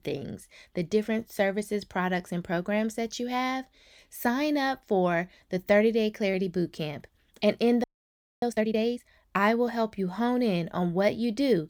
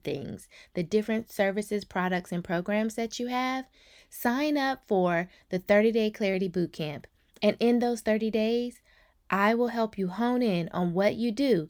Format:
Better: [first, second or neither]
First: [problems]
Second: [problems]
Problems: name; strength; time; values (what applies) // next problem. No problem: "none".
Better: second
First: audio freezing; at 8 s for 0.5 s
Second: none